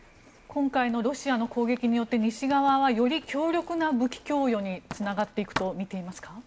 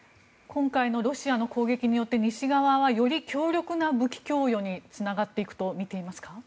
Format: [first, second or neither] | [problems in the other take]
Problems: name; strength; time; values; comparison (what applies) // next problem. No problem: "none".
second | background sound (Writing); 18 dB below the speech